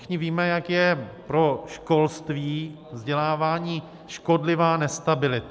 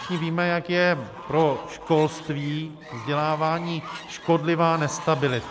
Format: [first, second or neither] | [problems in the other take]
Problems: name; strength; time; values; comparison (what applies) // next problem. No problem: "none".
first | background sound (Fowl); 16 dB below the speech